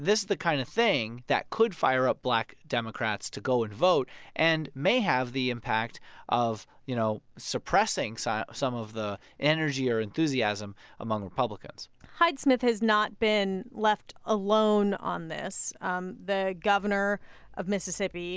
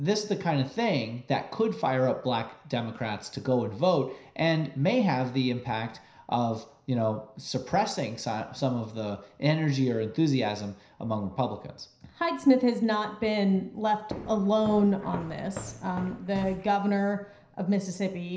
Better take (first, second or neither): first